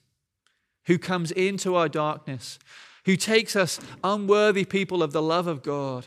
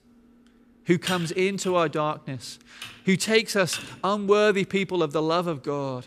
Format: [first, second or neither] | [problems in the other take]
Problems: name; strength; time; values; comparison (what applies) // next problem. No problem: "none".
first | keyboard typing; noticeable; from 1 to 4 s; peak 8 dB below the speech